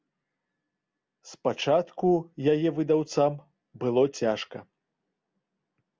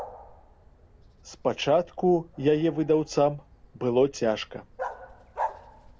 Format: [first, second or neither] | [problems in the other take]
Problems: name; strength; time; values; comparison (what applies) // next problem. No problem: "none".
first | background sound (Bark); 14 dB below the speech